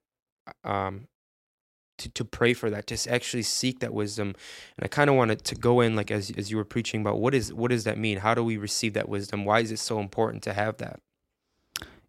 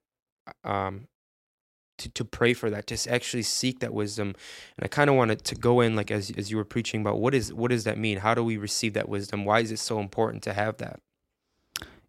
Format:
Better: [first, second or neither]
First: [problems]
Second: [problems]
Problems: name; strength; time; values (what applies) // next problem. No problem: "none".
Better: neither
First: none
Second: none